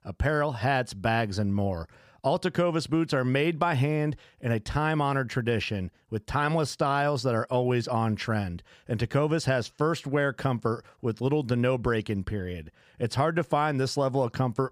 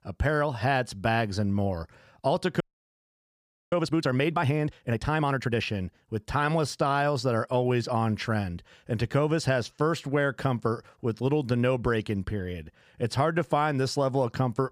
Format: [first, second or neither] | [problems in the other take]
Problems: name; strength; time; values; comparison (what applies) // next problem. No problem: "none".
first | audio freezing; at 2.5 s for 1 s